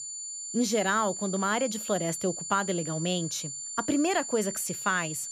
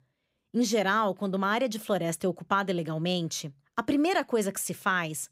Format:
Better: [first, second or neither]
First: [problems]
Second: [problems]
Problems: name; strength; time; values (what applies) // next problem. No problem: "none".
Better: second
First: high-pitched whine; loud; throughout; 7 kHz, 6 dB below the speech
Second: none